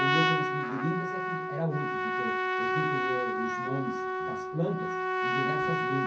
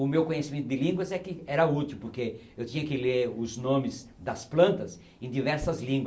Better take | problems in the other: second | background sound (Trumpet); 4 dB above the speech // room echo; dies away in 0.3 s

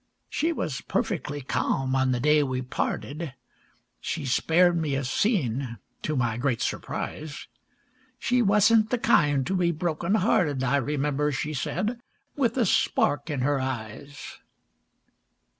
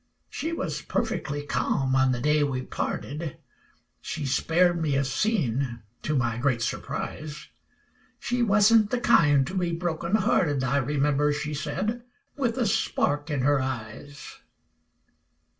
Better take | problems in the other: first | room echo; dies away in 0.2 s

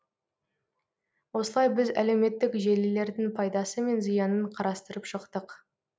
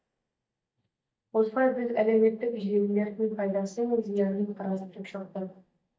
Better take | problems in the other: first | noise reduction (neural mask model DeepFilterNet 3)

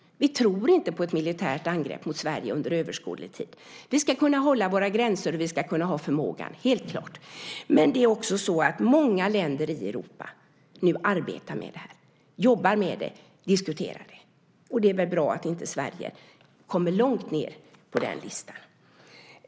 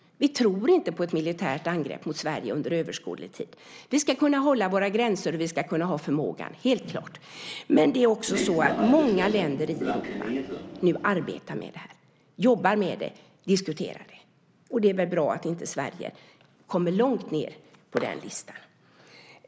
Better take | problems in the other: first | background sound (Train); 4 dB below the speech

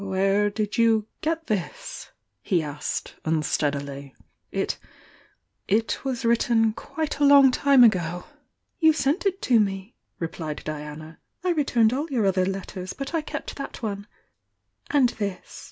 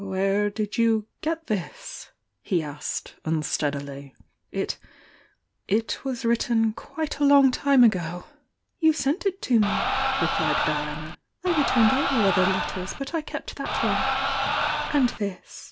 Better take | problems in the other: first | background sound (Crowd); as loud as the speech

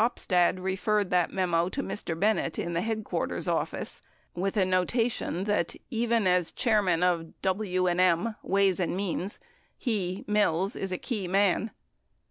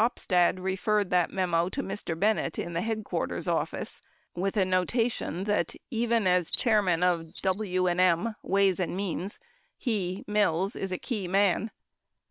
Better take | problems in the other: first | noise reduction (neural separator model SepFormer WHAM!)

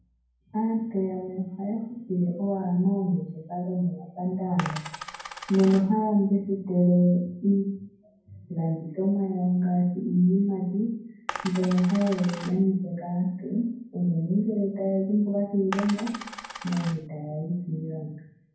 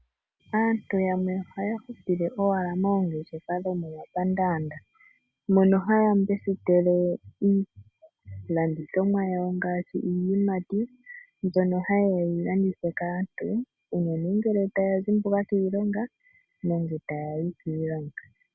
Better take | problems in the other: second | background sound (Coin (dropping)); 12 dB below the speech // room echo; dies away in 0.9 s

